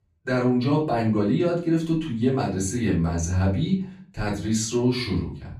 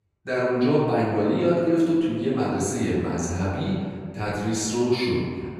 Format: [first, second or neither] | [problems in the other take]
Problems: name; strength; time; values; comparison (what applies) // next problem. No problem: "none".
first | room echo; strong; dies away in 1.8 s; slight in the first // off-mic speech; far; far in the first